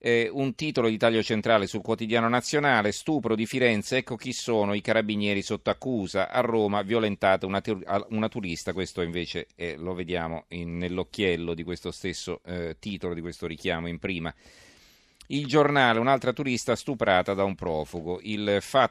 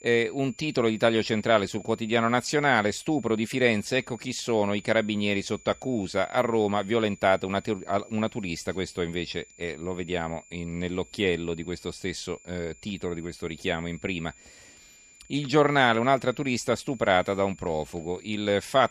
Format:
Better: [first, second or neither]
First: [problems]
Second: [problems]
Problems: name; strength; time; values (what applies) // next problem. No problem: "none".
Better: first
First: none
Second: high-pitched whine; faint; throughout; 7 kHz, 25 dB below the speech